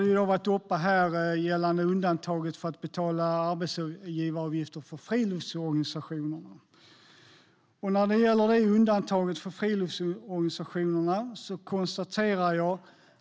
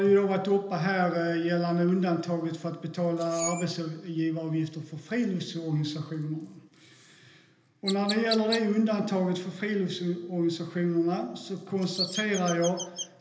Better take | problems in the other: first | background sound (Chirp, tweet); 14 dB below the speech // room echo; dies away in 1.4 s

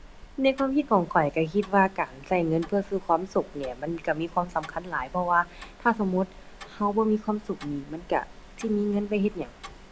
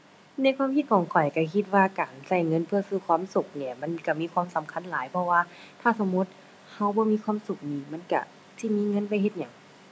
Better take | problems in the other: second | background sound (Tick-tock); 20 dB below the speech

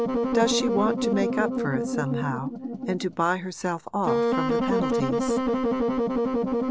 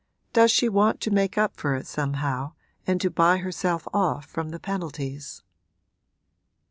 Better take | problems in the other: second | background sound (Wind instrument, woodwind instrument); 3 dB above the speech

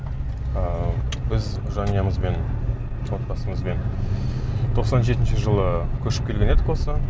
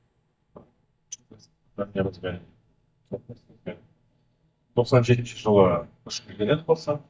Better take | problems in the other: first | noise reduction (neural mask model DeepFilterNet 3)

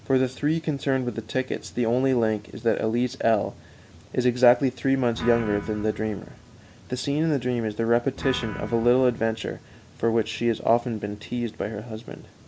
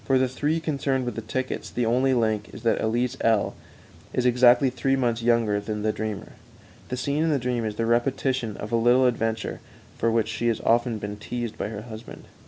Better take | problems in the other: second | background sound (Guitar); 15 dB below the speech

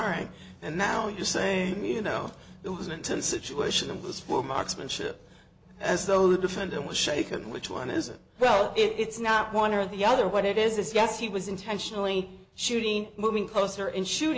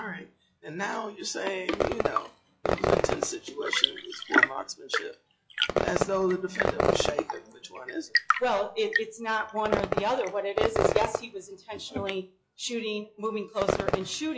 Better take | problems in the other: first | noise reduction (classical method log-MMSE)

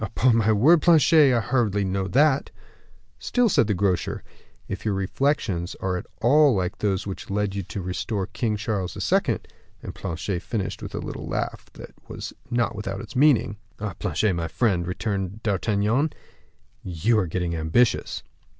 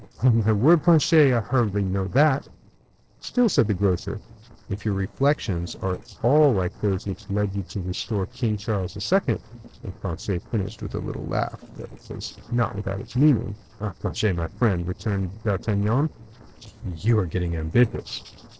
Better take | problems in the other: first | noise reduction (neural separator model SepFormer DNS4)

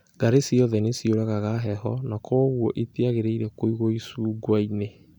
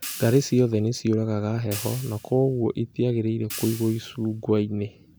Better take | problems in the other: first | background sound (Hi-hat); 17 dB below the speech

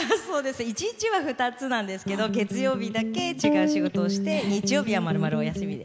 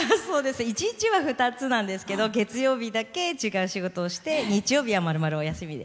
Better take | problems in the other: second | background sound (Electric guitar); 1 dB above the speech

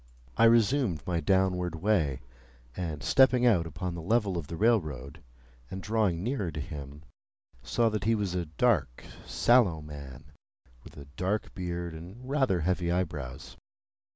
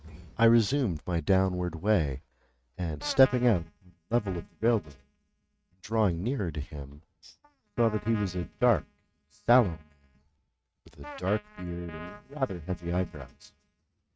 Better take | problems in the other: first | noise reduction (neural mask model RNNoise)

